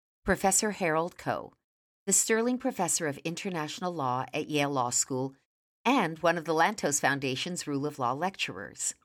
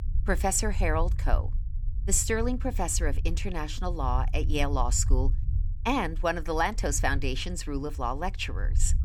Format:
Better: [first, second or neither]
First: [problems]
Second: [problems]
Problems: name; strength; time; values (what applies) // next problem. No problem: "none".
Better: first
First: none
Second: low rumble; faint; throughout; 20 dB below the speech